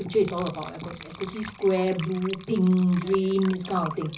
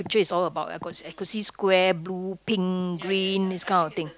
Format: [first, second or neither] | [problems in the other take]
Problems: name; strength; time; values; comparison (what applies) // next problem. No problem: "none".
second | background sound (Water / Liquid); 15 dB below the speech // room echo; dies away in 0.5 s